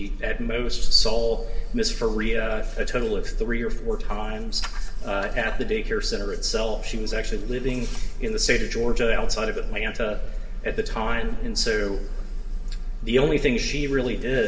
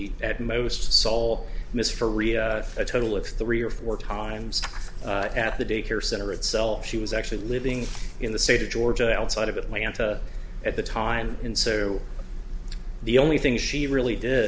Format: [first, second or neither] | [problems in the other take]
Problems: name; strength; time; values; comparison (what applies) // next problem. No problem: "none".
second | room echo; dies away in 2.3 s